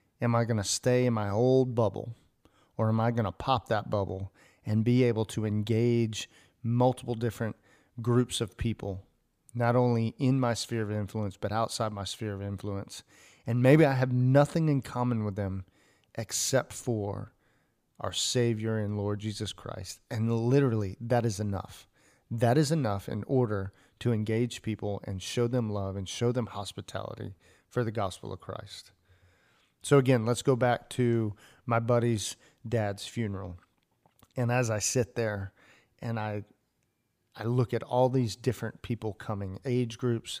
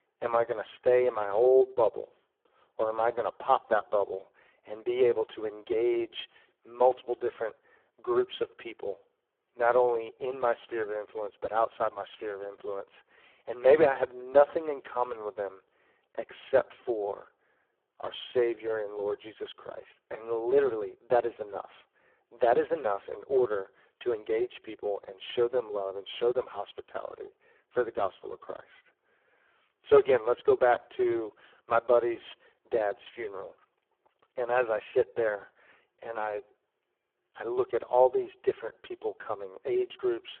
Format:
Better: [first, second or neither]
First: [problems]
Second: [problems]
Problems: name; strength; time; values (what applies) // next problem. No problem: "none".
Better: first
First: none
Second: phone-call audio; poor line